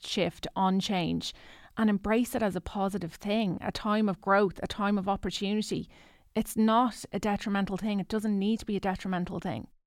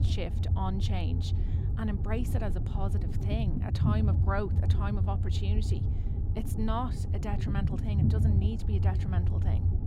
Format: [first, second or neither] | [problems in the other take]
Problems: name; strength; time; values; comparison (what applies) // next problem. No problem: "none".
first | low rumble; loud; throughout; 4 dB below the speech